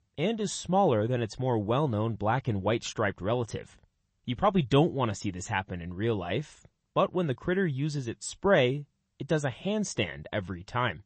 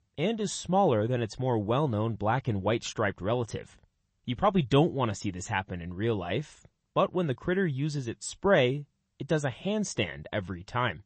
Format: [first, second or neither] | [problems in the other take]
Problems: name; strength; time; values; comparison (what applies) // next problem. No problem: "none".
neither | garbled, watery; slightly; nothing above 8 kHz; the same in both